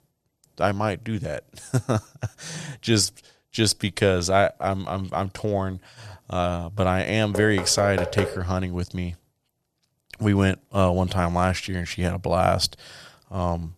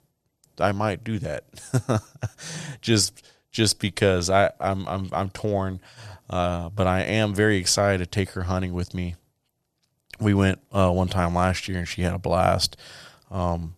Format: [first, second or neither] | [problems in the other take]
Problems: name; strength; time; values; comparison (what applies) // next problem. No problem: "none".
second | door banging; noticeable; from 7.5 to 8.5 s; peak 3 dB below the speech